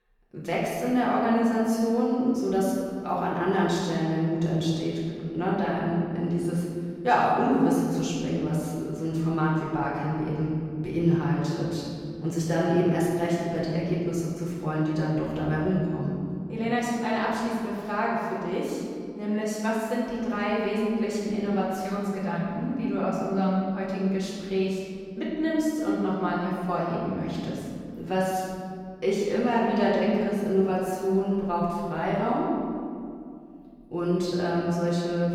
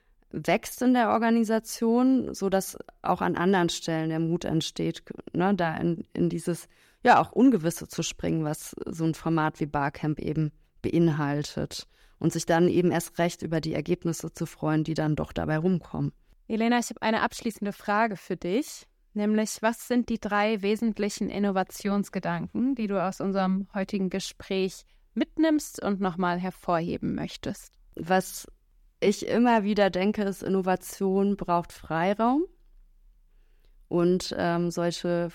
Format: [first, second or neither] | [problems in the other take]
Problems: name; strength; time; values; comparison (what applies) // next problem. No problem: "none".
second | room echo; strong; dies away in 2.2 s // off-mic speech; far